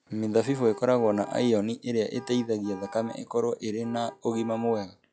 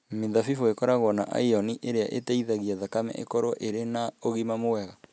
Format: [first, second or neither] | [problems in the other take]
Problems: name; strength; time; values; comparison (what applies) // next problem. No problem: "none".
second | noise reduction (classical method log-MMSE)